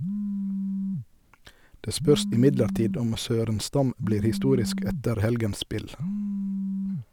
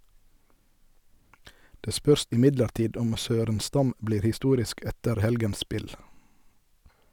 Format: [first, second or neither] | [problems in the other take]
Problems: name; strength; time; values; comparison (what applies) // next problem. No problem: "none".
second | background sound (Telephone); 4 dB below the speech